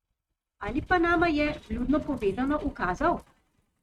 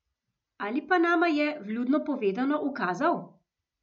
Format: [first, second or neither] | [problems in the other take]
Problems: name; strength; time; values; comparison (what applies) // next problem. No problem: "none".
second | noise reduction (neural mask model RNNoise)